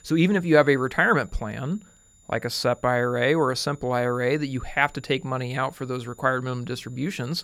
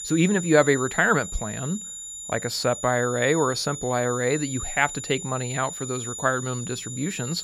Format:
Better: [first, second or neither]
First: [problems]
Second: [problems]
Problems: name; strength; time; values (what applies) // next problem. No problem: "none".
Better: first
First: high-pitched whine; faint; throughout; 7 kHz, 30 dB below the speech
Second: high-pitched whine; loud; throughout; 7 kHz, 8 dB below the speech